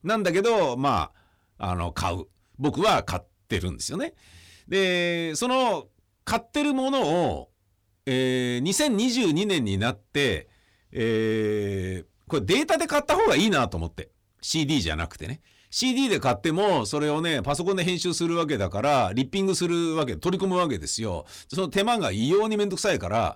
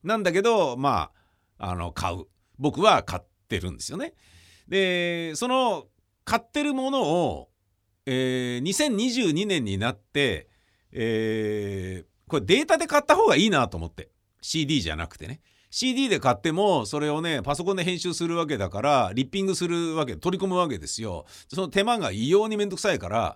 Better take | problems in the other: second | distortion; slight; 10 dB below the speech

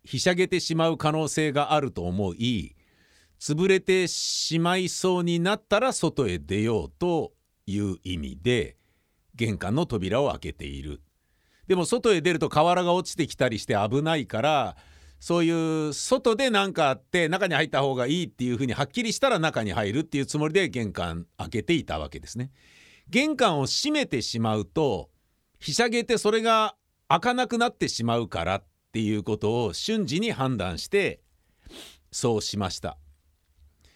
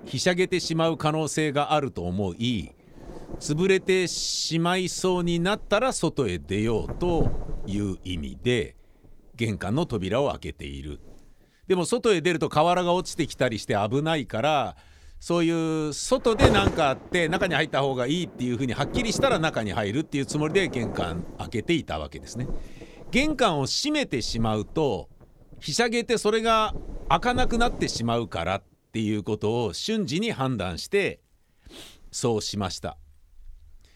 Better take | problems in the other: first | wind noise on the microphone; occasional gusts; 10 dB below the speech

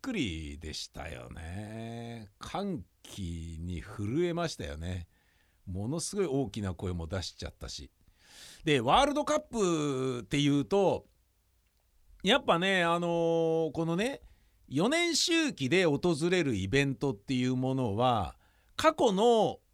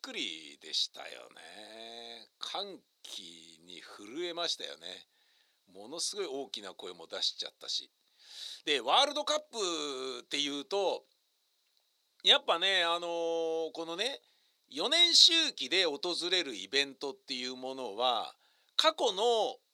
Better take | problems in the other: first | thin; somewhat; fading below 400 Hz

